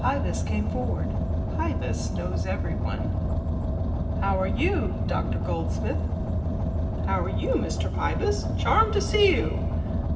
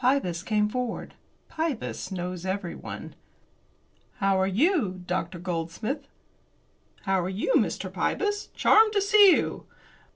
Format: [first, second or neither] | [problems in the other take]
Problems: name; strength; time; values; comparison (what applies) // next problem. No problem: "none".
second | background sound (Car); 4 dB above the speech // room echo; dies away in 1 s